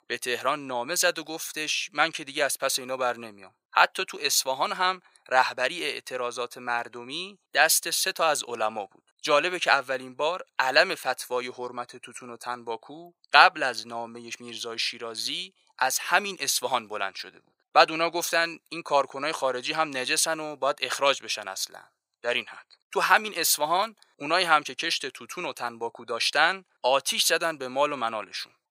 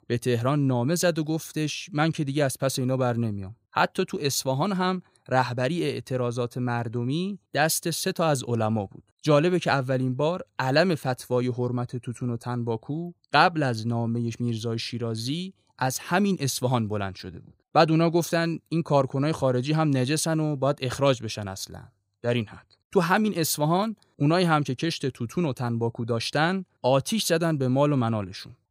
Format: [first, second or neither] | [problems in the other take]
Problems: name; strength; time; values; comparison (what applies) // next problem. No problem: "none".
second | thin; very; fading below 750 Hz